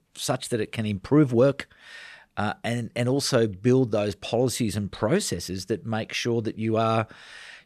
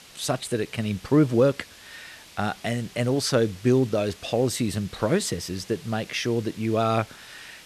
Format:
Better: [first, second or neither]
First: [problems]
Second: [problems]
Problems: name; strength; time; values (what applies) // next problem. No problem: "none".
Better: first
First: none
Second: hiss; faint; throughout; 20 dB below the speech